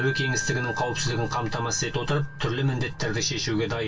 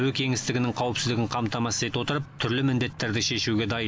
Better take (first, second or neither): second